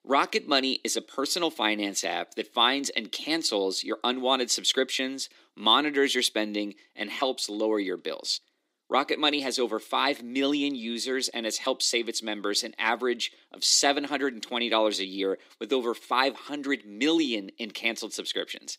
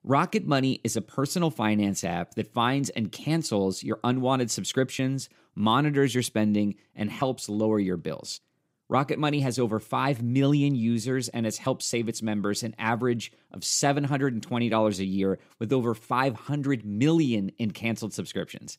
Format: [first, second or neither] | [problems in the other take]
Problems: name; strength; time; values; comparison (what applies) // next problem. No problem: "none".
second | thin; somewhat; fading below 300 Hz